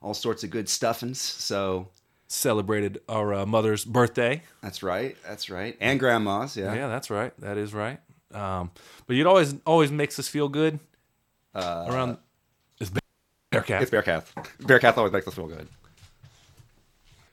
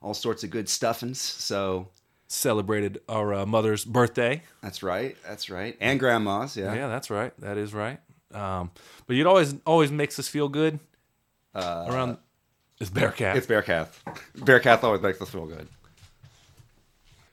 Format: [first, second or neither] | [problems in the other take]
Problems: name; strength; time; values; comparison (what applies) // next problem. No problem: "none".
second | audio freezing; at 13 s for 0.5 s